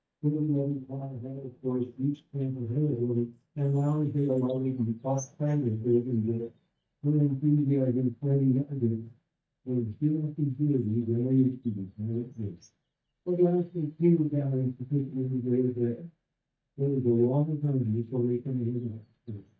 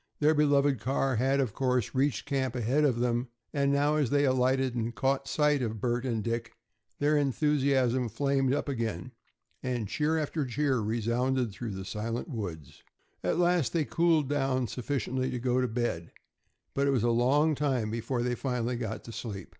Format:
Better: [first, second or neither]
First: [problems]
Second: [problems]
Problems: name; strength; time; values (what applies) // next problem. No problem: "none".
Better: second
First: noise reduction (neural mask model DeepFilterNet 3)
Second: none